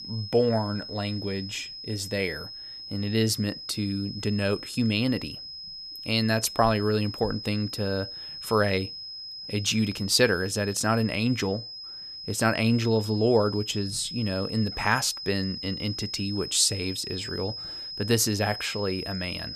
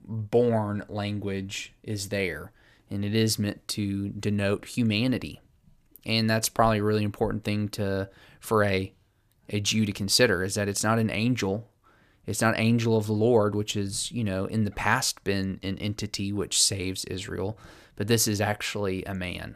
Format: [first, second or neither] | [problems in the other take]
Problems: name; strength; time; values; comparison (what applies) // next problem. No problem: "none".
second | high-pitched whine; loud; throughout; 5 kHz, 9 dB below the speech